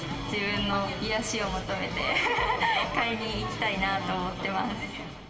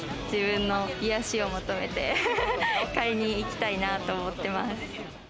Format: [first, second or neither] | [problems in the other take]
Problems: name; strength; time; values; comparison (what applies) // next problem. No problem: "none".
second | background sound (Bird); 18 dB below the speech // room echo; dies away in 2.2 s